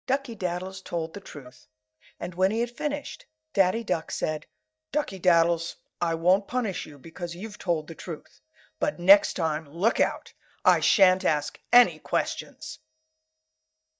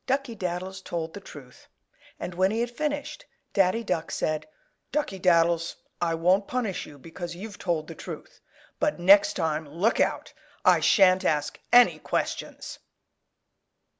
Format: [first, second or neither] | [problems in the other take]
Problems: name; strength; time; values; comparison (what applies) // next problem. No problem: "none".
second | noise reduction (neural mask model DeepFilterNet 3)